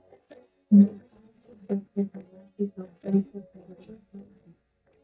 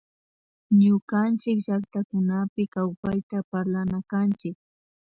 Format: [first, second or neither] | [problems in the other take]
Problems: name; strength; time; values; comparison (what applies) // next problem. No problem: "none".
second | noise reduction (neural mask model DeepFilterNet 3)